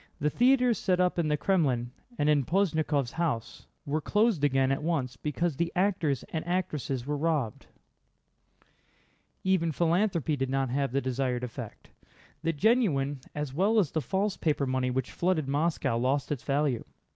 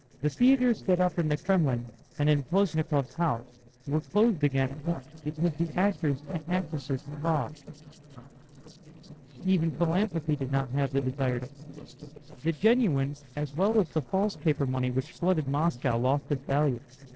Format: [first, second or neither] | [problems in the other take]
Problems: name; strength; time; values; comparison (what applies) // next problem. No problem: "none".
first | noise reduction (neural separator model SepFormer DNS4)